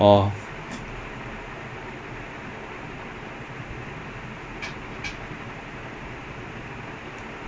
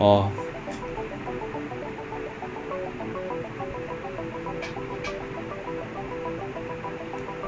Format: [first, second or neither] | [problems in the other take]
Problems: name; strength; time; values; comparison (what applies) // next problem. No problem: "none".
first | background sound (Organ); 3 dB below the speech